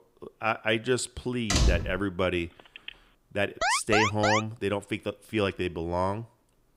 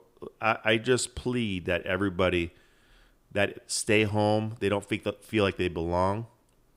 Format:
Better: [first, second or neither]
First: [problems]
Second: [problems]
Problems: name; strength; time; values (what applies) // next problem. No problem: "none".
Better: second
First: door banging; loud; at 1.5 s; peak 4 dB above the speech // phone ringing; faint; at 2.5 s; peak 15 dB below the speech // alarm; loud; at 3.5 s; peak 4 dB above the speech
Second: none